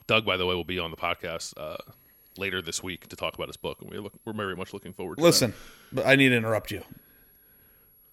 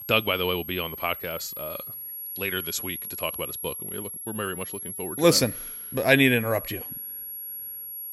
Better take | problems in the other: first | high-pitched whine; loud; throughout; 11.5 kHz, 8 dB below the speech; faint in the first

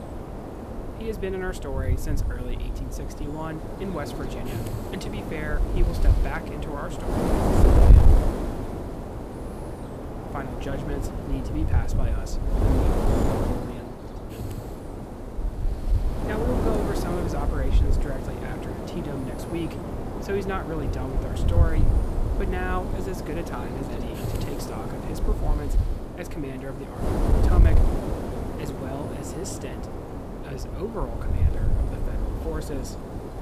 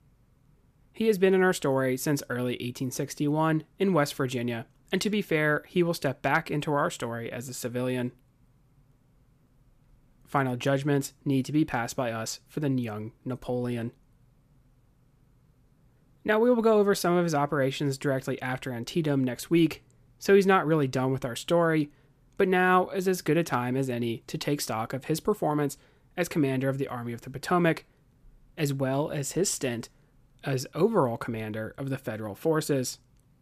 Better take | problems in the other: second | wind noise on the microphone; heavy; 1 dB above the speech

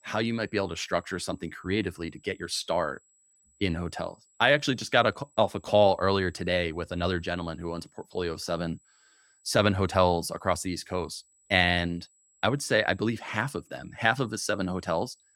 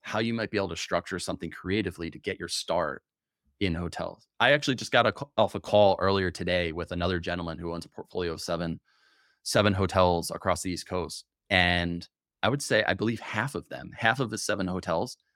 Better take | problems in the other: second | high-pitched whine; faint; throughout; 8 kHz, 35 dB below the speech

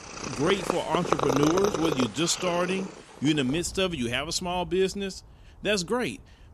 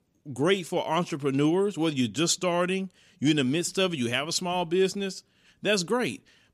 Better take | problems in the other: second | animal sounds; loud; throughout; 4 dB below the speech

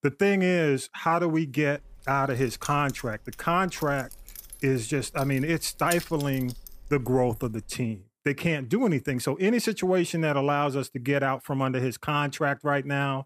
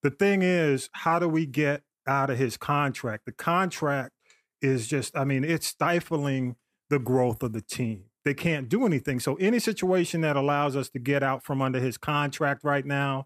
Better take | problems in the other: second | jangling keys; noticeable; from 2 to 7.5 s; peak 8 dB below the speech

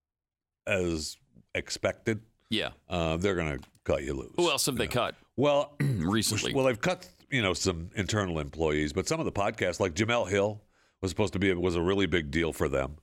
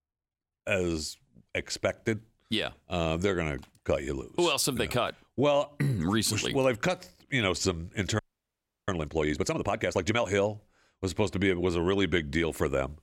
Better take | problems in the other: first | audio freezing; at 8 s for 0.5 s

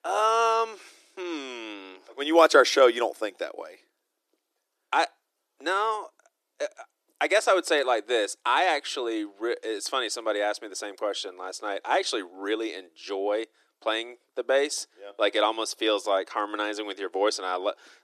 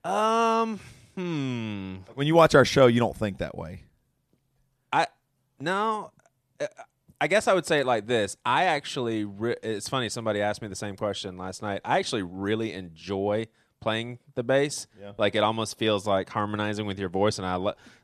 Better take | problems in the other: second | thin; very; fading below 300 Hz

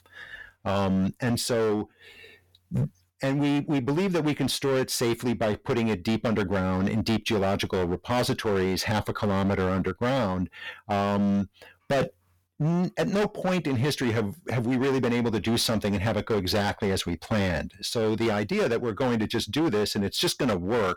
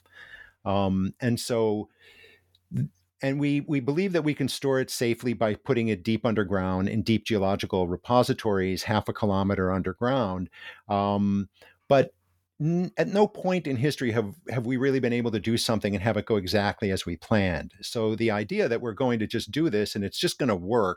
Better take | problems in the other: second | distortion; heavy; 18% of the sound clipped

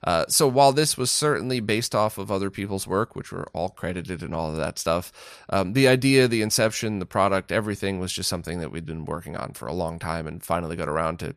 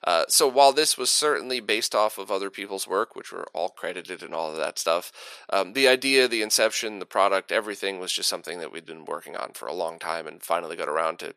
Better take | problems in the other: first | thin; somewhat; fading below 350 Hz

